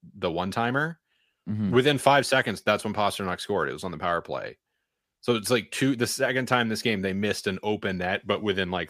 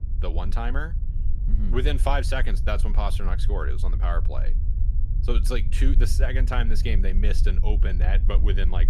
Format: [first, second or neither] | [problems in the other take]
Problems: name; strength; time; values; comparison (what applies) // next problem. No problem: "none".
first | low rumble; noticeable; throughout; 15 dB below the speech